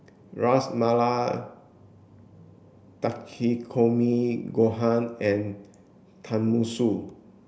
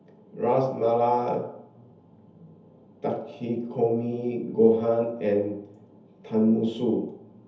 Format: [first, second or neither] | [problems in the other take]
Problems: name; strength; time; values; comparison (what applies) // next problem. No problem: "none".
first | room echo; dies away in 0.7 s